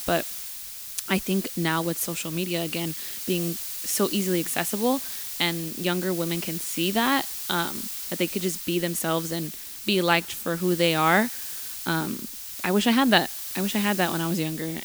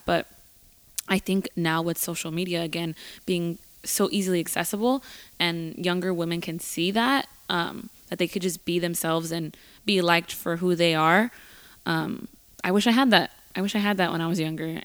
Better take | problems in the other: second | hiss; loud; throughout; 6 dB below the speech; faint in the second

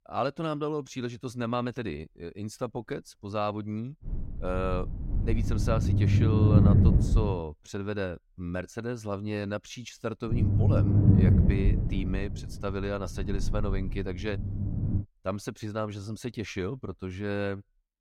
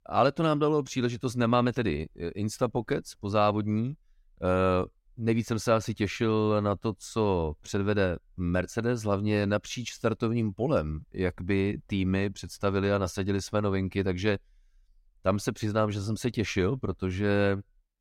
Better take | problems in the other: second | low rumble; loud; from 4 to 7.5 s and from 10 to 15 s; 1 dB below the speech

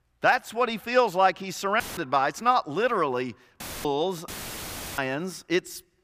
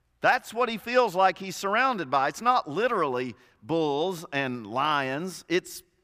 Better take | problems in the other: second | audio cutting out; filled with static; at 2 s, at 3.5 s and at 4.5 s for 0.5 s

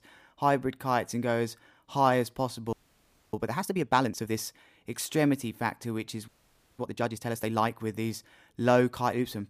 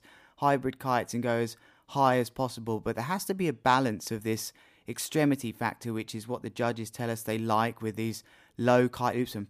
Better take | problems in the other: second | audio freezing; at 2.5 s for 0.5 s and at 6.5 s for 0.5 s

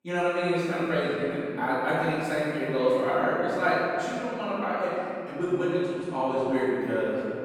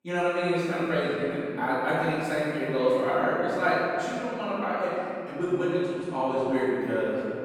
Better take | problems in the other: neither | room echo; strong; dies away in 2.7 s; the same in both // off-mic speech; far; the same in both

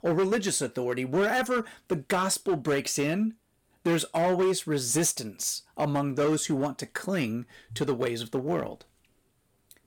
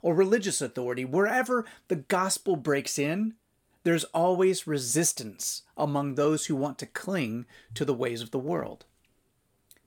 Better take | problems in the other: second | distortion; slight; 8% of the sound clipped

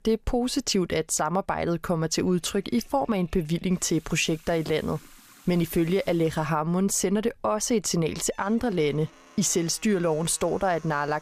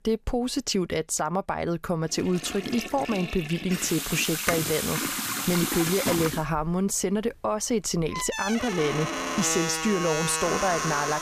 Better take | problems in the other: first | household noises; loud; from 2.5 s on; 2 dB below the speech; faint in the first

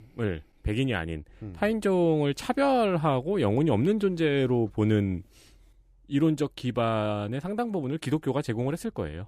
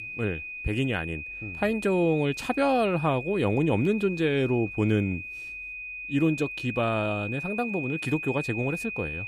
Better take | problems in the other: first | high-pitched whine; loud; throughout; 2.5 kHz, 8 dB below the speech

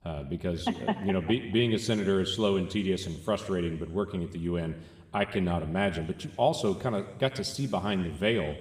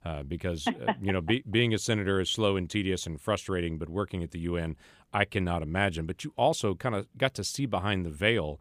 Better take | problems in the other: second | room echo; slight; dies away in 1.6 s

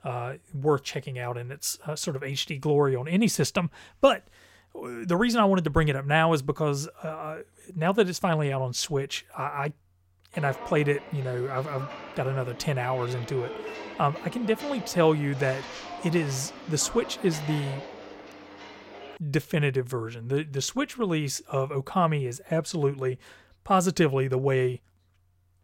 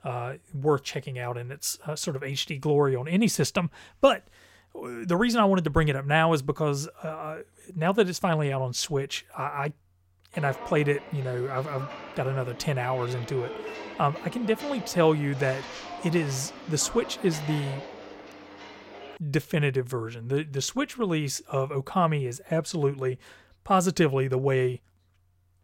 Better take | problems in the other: neither | footsteps; noticeable; from 10 to 19 s; peak 10 dB below the speech; the same in both

